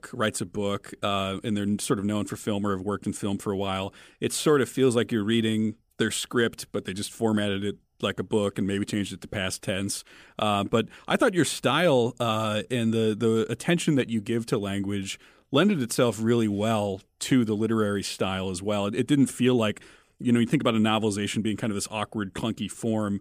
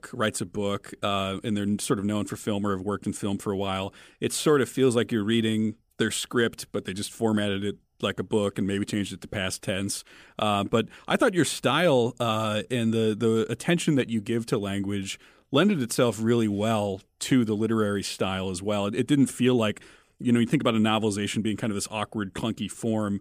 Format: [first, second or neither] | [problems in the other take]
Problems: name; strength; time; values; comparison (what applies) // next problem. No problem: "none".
neither | none